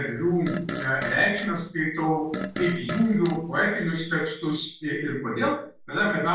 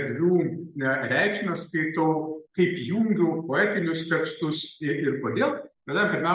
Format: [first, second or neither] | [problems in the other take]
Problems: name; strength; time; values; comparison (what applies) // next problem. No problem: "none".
second | background sound (Fart); 10 dB below the speech // room echo; dies away in 0.2 s